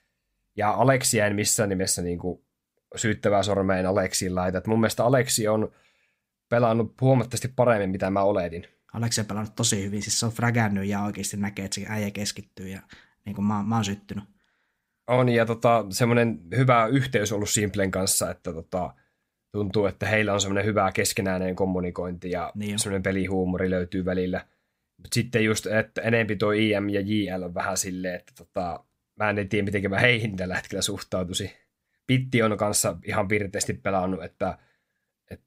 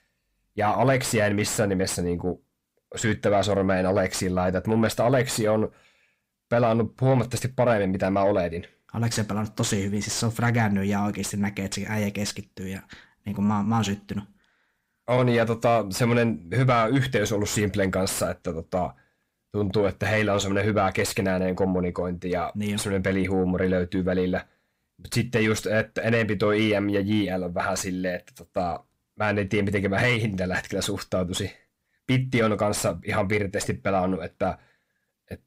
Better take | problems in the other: first | distortion; slight; 10 dB below the speech

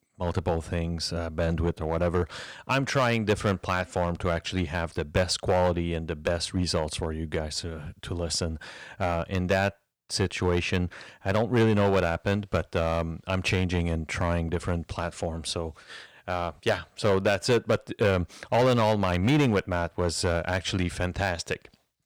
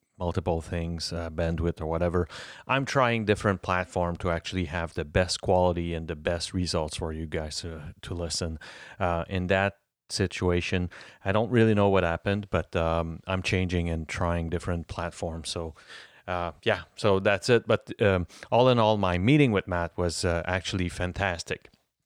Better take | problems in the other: second | distortion; slight; 4% of the sound clipped

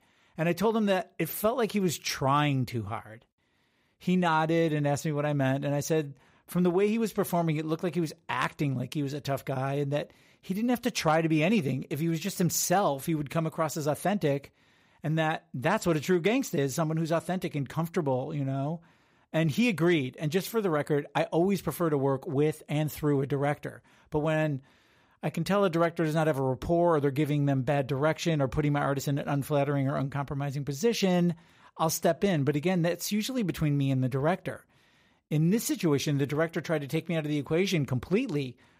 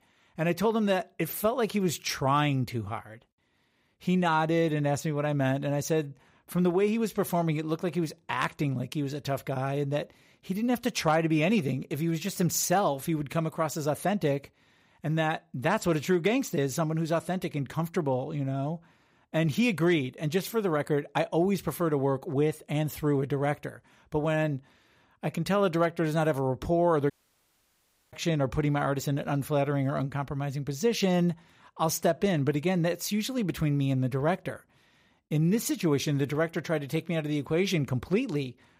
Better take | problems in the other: first | audio cutting out; at 27 s for 1 s

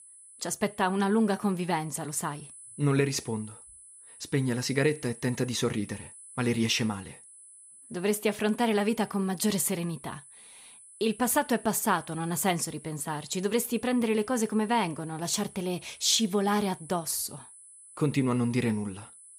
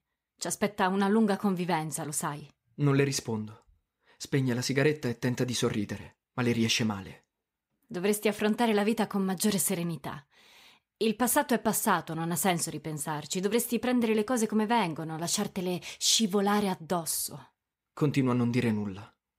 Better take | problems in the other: second | high-pitched whine; noticeable; throughout; 10 kHz, 20 dB below the speech

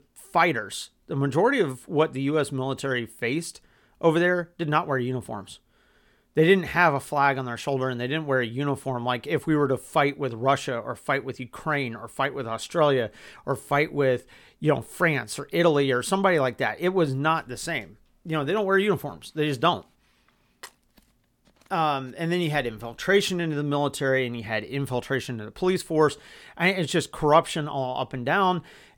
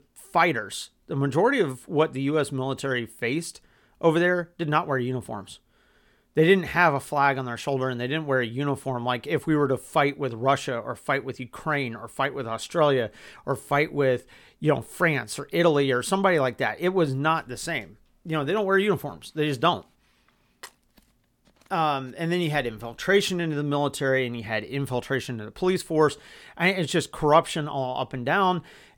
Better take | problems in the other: neither | none

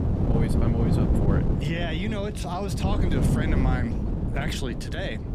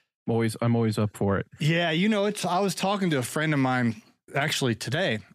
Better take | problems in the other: second | wind noise on the microphone; heavy; 1 dB below the speech

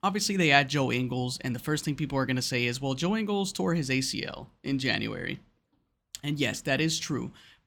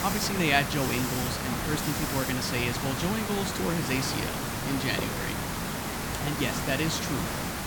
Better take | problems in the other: first | hiss; loud; throughout; as loud as the speech

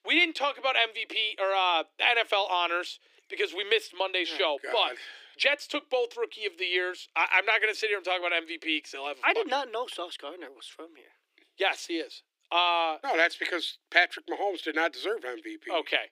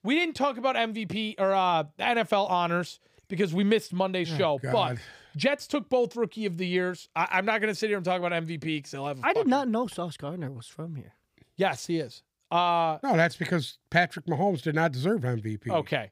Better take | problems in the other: second | thin; very; fading below 300 Hz

